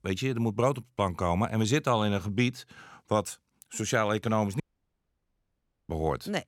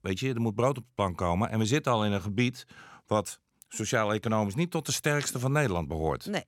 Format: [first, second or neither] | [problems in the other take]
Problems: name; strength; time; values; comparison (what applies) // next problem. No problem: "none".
second | audio cutting out; at 4.5 s for 1.5 s